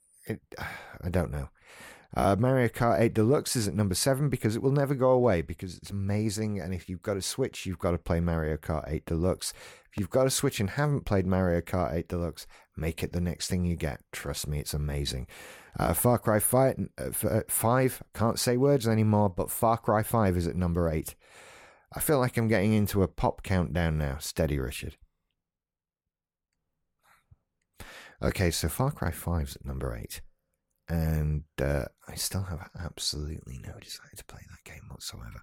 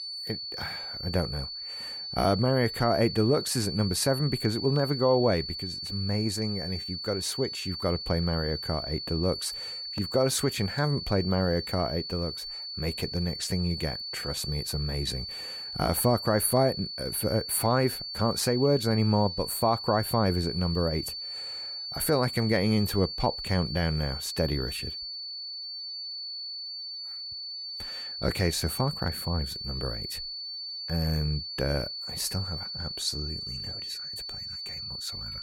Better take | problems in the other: first | high-pitched whine; loud; throughout; 4.5 kHz, 6 dB below the speech

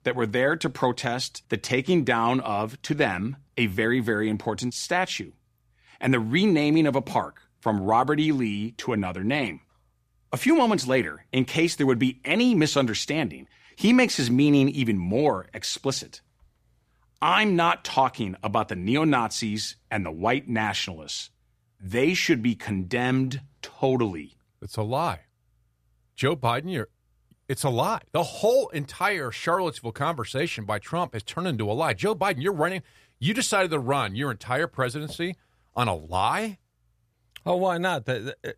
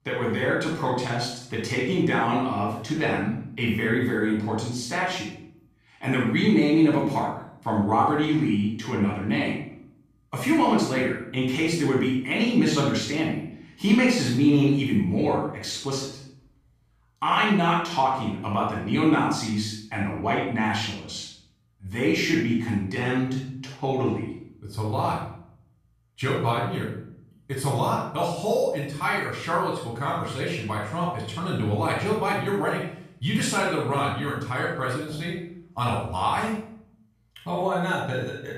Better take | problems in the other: first | off-mic speech; far // room echo; noticeable; dies away in 0.6 s

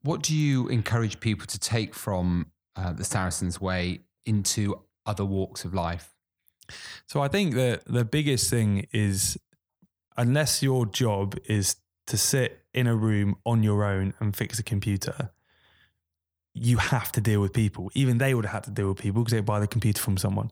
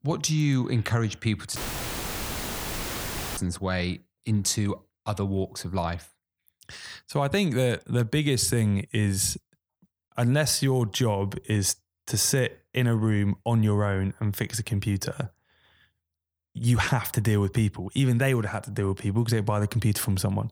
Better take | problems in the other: first | audio cutting out; filled with static; at 1.5 s for 2 s

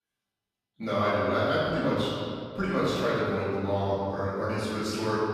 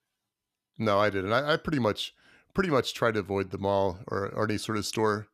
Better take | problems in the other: second | off-mic speech; far // room echo; strong; dies away in 2.1 s

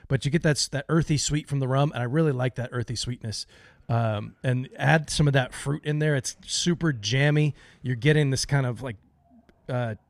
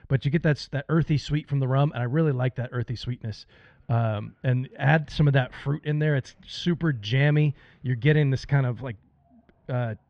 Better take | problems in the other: first | muffled; slightly; fading above 3.5 kHz

